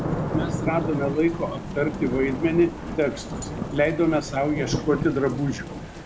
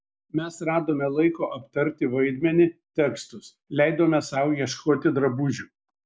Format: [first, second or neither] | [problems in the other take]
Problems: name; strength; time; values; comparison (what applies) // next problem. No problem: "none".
second | background sound (Thunder / Rain); 5 dB below the speech